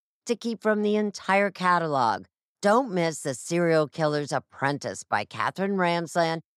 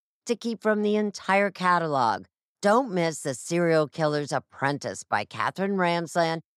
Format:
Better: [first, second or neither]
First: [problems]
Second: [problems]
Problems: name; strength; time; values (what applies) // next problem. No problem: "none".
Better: neither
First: none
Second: none